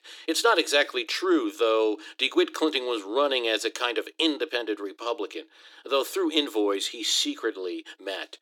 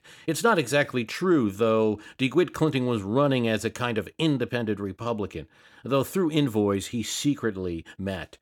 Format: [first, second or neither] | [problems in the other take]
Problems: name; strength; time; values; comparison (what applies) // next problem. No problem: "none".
second | thin; somewhat; fading below 300 Hz